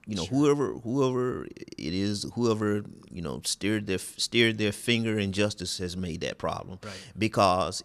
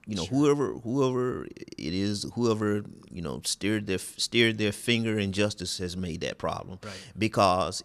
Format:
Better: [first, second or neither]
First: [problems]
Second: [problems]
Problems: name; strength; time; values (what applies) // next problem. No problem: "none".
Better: neither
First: none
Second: none